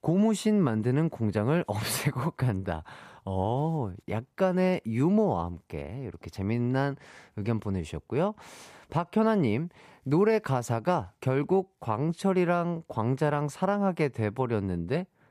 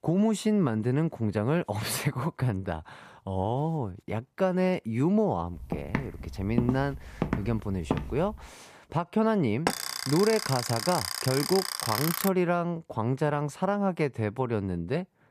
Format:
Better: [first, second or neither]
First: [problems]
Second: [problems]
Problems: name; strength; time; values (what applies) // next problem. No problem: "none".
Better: first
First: none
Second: footsteps; noticeable; from 5.5 to 8.5 s; peak 3 dB below the speech // alarm; noticeable; from 9.5 to 12 s; peak 1 dB below the speech